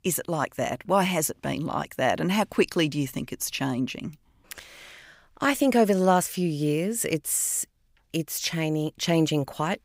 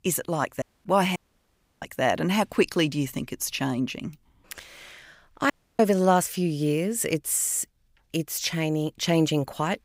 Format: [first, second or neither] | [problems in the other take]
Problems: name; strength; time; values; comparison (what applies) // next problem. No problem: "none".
first | audio cutting out; at 0.5 s, at 1 s for 0.5 s and at 5.5 s